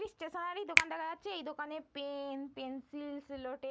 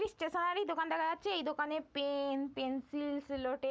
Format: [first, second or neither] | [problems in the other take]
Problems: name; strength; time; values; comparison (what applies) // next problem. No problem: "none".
second | background sound (Finger snapping); 3 dB above the speech